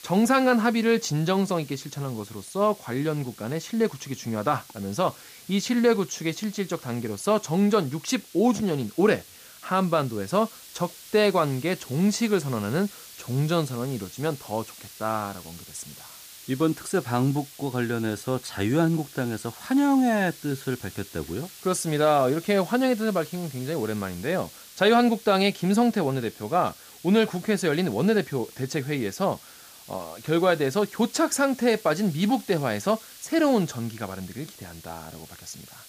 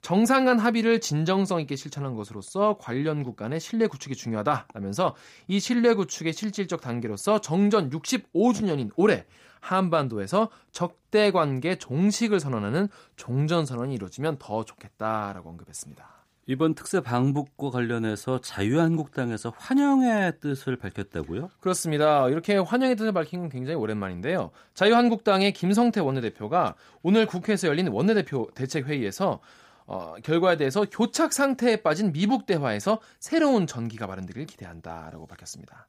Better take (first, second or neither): second